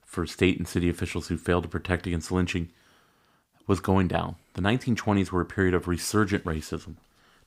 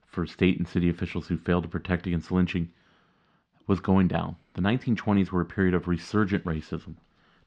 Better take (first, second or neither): first